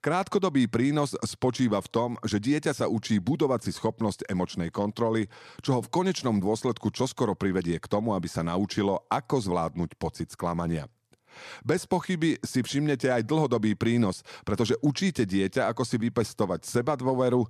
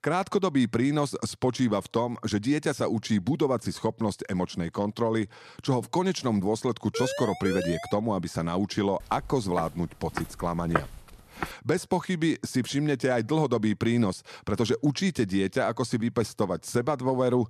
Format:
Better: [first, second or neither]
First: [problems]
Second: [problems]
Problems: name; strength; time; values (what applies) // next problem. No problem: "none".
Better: first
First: none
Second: siren; noticeable; from 7 to 8 s; peak 5 dB below the speech // footsteps; noticeable; from 9.5 to 11 s; peak 3 dB below the speech